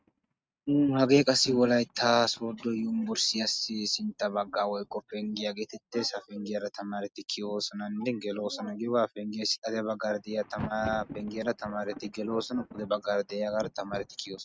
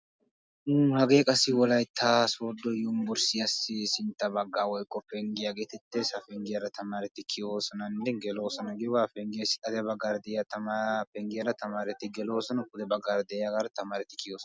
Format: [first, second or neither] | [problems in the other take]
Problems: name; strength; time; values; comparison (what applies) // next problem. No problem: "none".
second | noise reduction (neural mask model RNNoise)